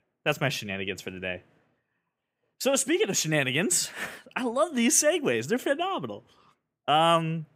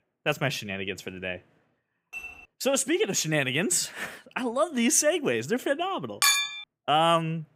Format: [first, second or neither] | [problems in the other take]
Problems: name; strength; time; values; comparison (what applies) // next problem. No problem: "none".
first | clattering dishes; faint; at 2 s; peak 10 dB below the speech // clattering dishes; loud; at 6 s; peak 5 dB above the speech